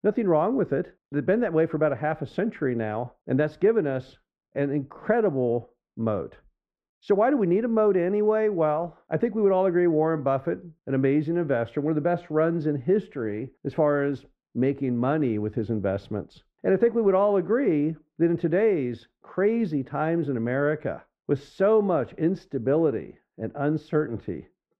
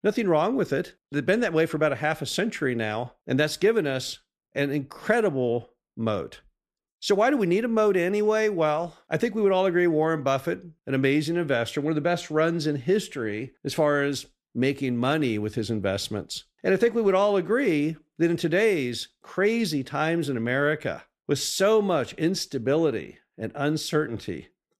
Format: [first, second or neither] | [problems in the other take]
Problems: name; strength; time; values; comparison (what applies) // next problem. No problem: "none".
second | muffled; very; fading above 3 kHz